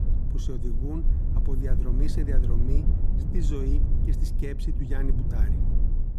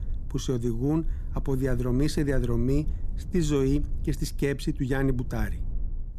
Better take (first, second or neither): second